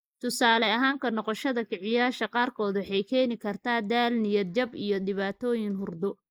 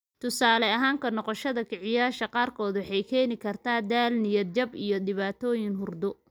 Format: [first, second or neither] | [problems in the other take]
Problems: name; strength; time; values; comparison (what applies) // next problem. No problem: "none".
second | noise reduction (neural mask model Resemble Enhance denoiser)